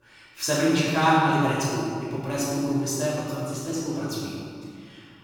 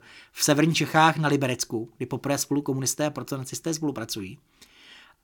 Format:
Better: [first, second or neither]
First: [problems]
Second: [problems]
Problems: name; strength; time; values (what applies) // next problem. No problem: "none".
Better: second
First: off-mic speech; far // room echo; strong; dies away in 1.9 s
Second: none